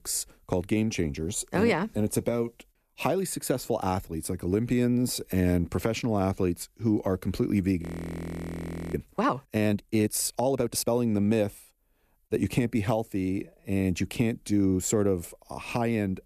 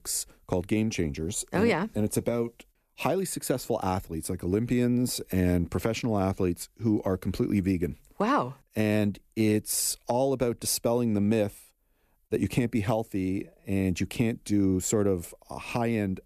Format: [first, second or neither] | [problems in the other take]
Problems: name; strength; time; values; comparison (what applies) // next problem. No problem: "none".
second | audio freezing; at 8 s for 1 s